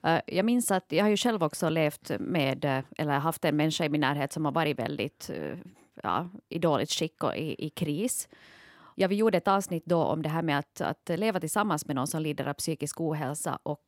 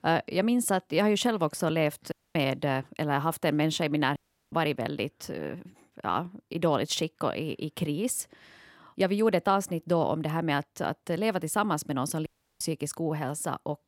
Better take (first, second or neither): first